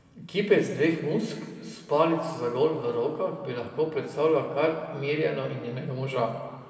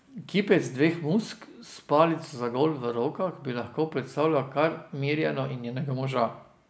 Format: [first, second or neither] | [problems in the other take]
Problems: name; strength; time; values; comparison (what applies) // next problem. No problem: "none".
second | room echo; dies away in 1.9 s